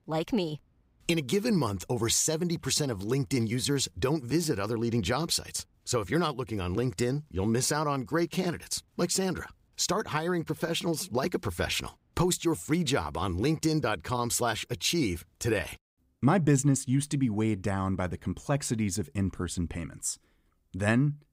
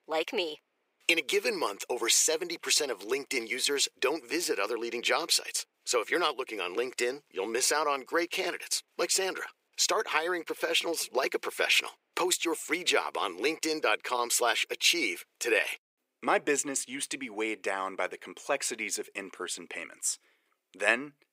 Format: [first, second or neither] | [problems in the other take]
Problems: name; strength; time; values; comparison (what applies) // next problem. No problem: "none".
first | thin; very; fading below 400 Hz